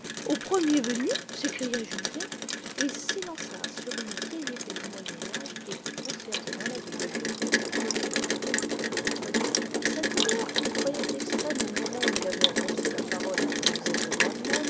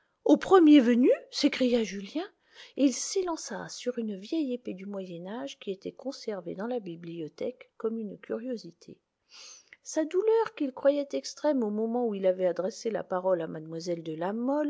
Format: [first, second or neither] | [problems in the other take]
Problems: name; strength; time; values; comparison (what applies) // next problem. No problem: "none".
second | background sound (Rain); 5 dB above the speech